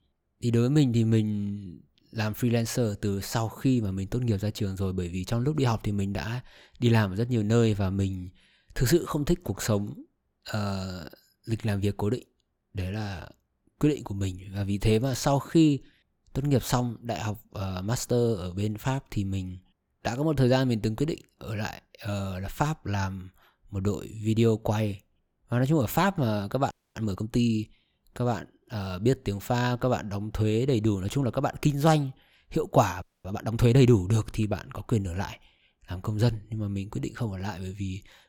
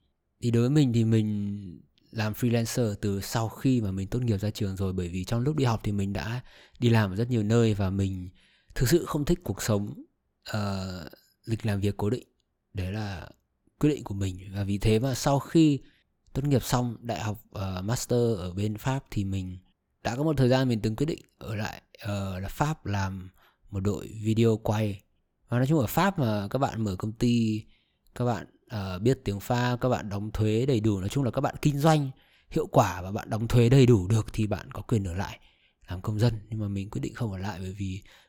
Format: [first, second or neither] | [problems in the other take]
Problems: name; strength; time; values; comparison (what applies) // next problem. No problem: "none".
second | audio freezing; at 27 s and at 33 s